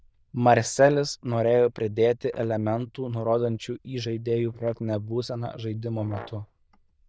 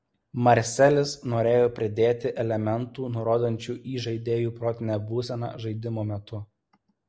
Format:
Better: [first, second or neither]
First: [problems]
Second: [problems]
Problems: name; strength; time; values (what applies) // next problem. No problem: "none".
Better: second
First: noise reduction (neural diffusion model UNIVERSE++)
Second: none